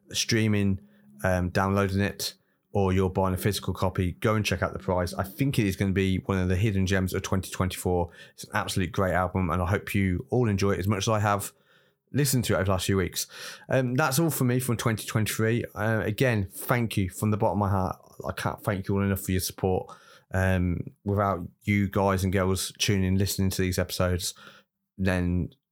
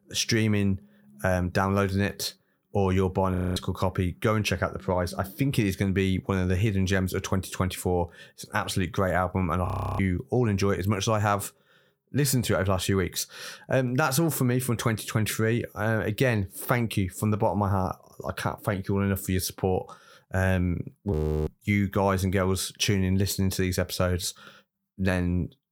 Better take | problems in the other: first | audio freezing; at 3.5 s, at 9.5 s and at 21 s

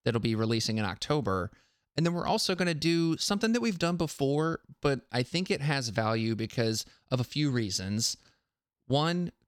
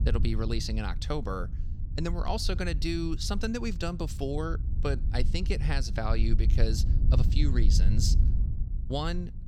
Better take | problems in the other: first | wind noise on the microphone; occasional gusts; 10 dB below the speech

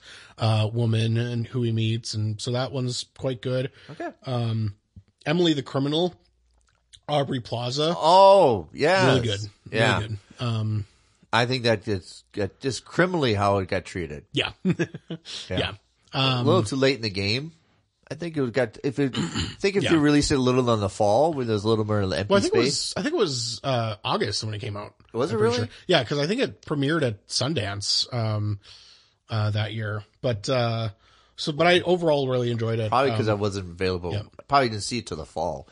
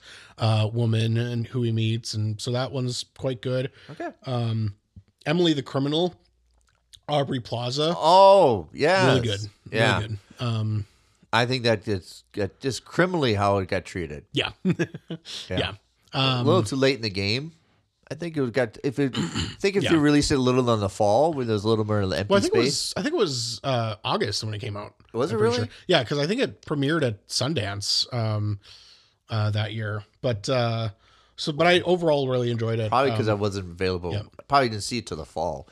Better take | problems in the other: second | garbled, watery; slightly; nothing above 10.5 kHz

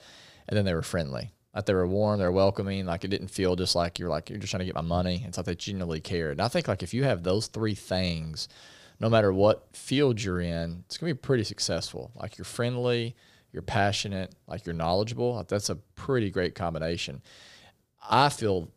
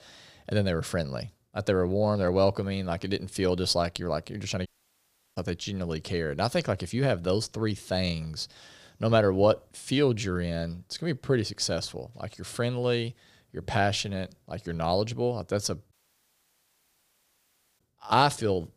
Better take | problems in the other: first | audio cutting out; at 4.5 s for 0.5 s and at 16 s for 2 s

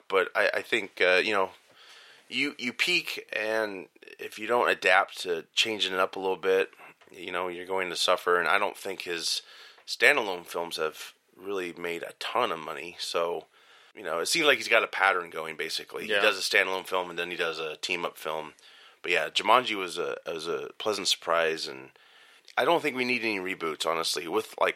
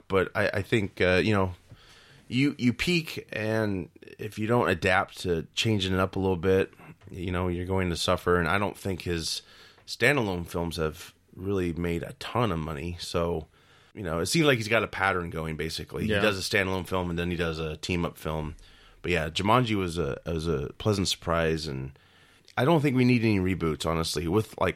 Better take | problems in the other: second | thin; very; fading below 550 Hz

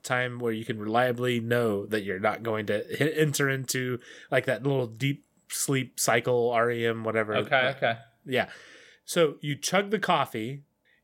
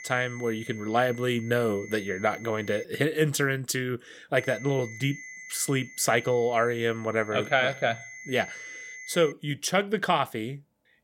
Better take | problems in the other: first | high-pitched whine; noticeable; until 3 s and from 4.5 to 9.5 s; 2 kHz, 15 dB below the speech

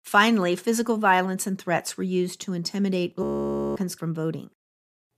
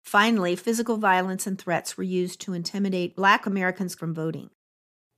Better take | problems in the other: second | audio freezing; at 3 s for 0.5 s

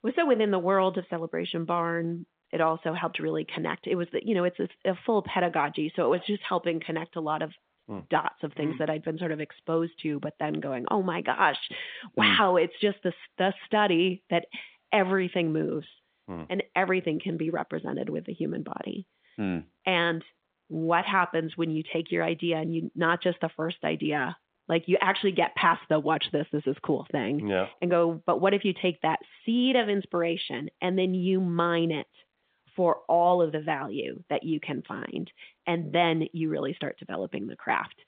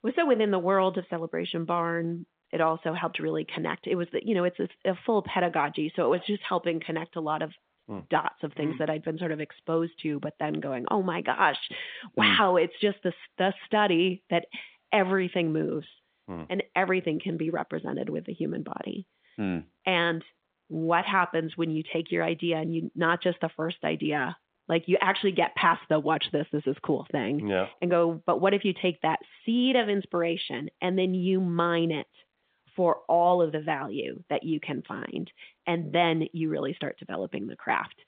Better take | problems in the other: neither | phone-call audio; the same in both

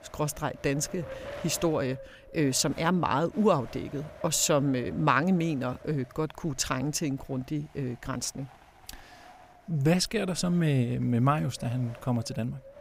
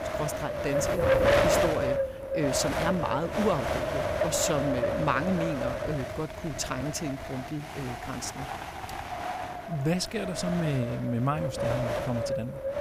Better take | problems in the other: first | wind noise on the microphone; heavy; 3 dB above the speech; occasional gusts in the first

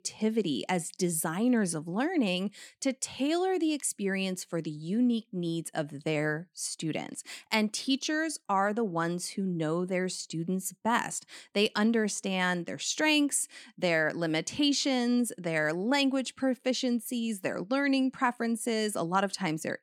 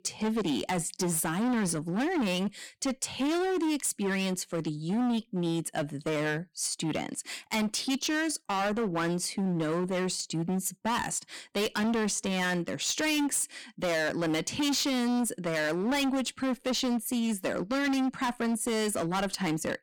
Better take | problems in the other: first | distortion; heavy; 23% of the sound clipped

